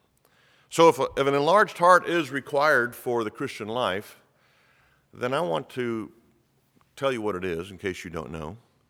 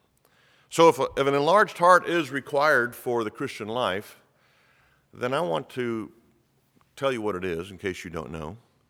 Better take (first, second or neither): neither